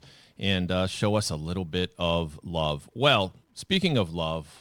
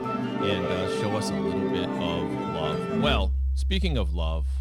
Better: first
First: none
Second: background music; very loud; throughout; 3 dB above the speech

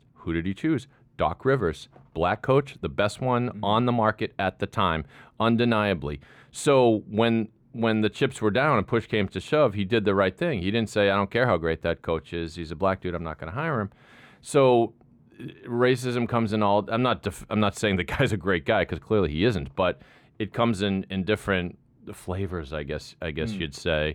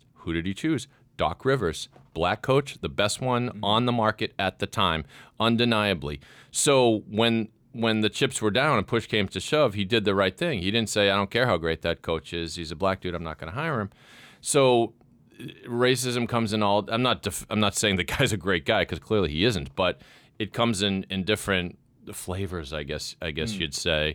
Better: second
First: muffled; slightly; fading above 3 kHz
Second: none

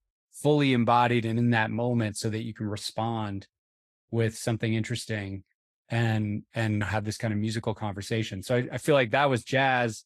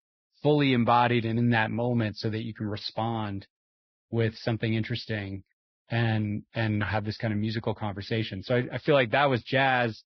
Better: first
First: garbled, watery; slightly; nothing above 11.5 kHz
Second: garbled, watery; badly; nothing above 5.5 kHz

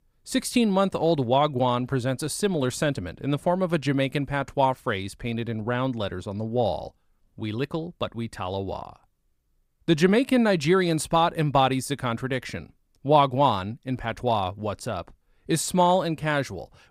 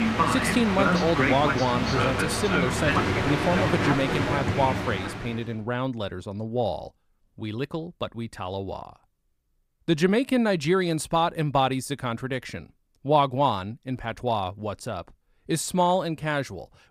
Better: first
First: none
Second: train or aircraft noise; very loud; until 5 s; 1 dB above the speech

